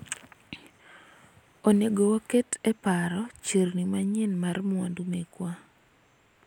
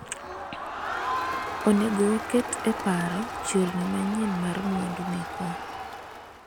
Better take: first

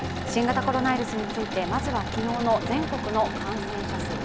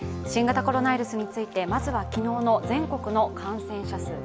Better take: second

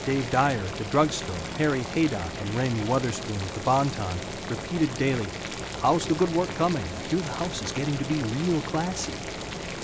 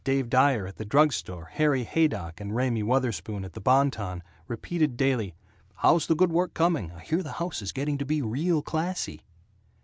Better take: second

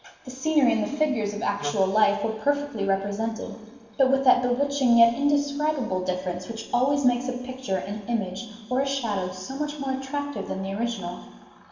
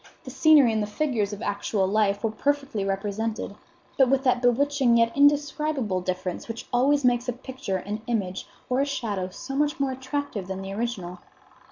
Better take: second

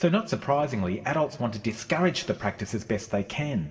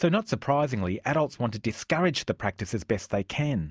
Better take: second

